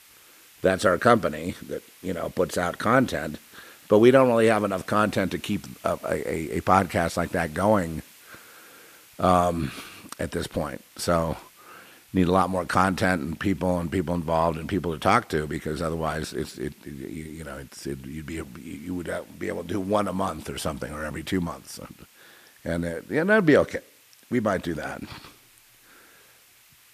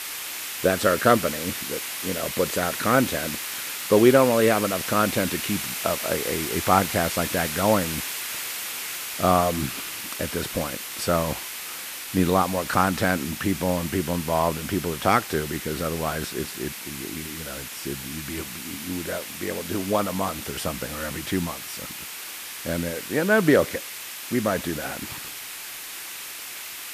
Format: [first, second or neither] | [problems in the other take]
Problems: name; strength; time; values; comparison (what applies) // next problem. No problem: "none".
first | hiss; loud; throughout; 6 dB below the speech; faint in the first